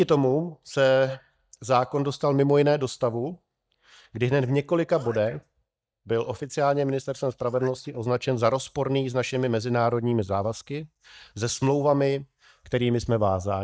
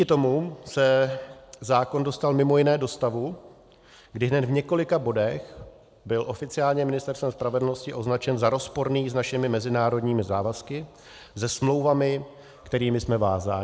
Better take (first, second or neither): second